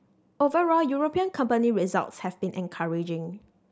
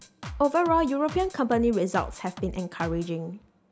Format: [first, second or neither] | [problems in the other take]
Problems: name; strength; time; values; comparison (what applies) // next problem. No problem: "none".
first | background sound (Drum kit); 14 dB below the speech